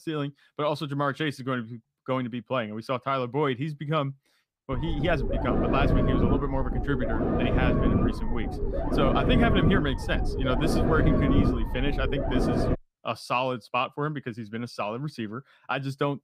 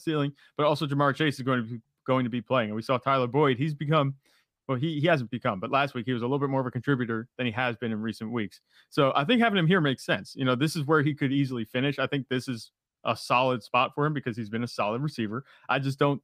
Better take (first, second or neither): second